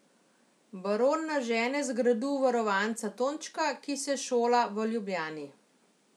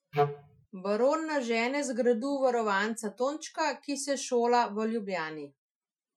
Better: first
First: none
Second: noise reduction (classical method Wiener filter)

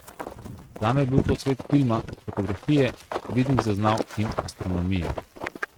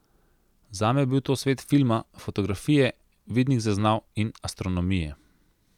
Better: second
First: noise reduction (neural mask model RNNoise)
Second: none

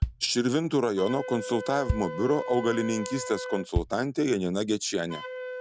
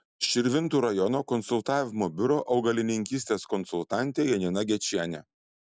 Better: second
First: background sound (Bass drum + Wind instrument, woodwind instrument); 7 dB below the speech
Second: none

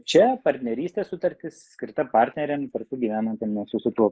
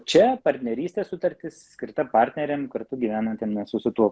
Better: second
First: noise reduction (neural mask model Resemble Enhance denoiser)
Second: none

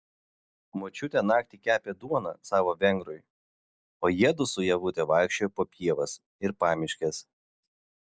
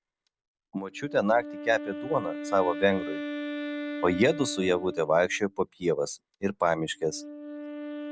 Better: first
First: none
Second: background sound (Wind instrument, woodwind instrument); 9 dB below the speech

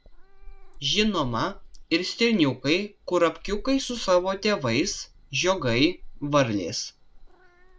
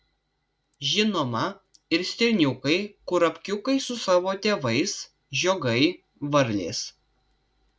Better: second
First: background sound (Meow / Purr); 15 dB below the speech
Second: none

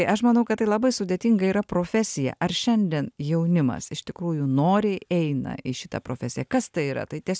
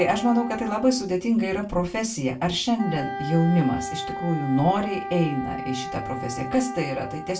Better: first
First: none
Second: background sound (Wind instrument, woodwind instrument); 10 dB below the speech // room echo; dies away in 0.2 s

